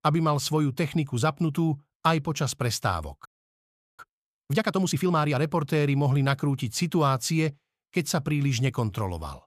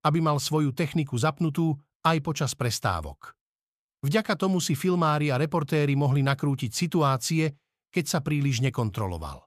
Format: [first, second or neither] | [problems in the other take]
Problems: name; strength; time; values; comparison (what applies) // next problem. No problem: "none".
second | audio freezing; at 3.5 s for 0.5 s